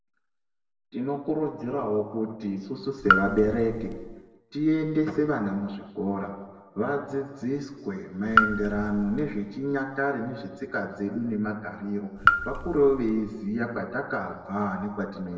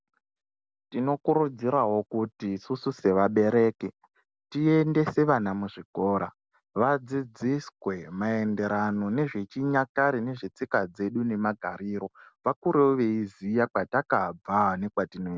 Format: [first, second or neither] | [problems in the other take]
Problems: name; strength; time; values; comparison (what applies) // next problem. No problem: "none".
second | background sound (Raindrop / Drip); 1 dB above the speech // room echo; dies away in 1.2 s